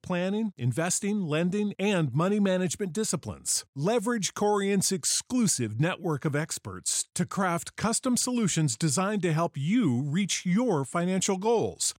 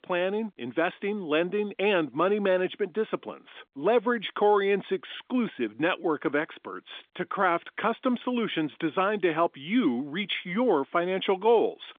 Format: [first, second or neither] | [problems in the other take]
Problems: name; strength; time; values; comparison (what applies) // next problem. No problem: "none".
first | phone-call audio; nothing above 3.5 kHz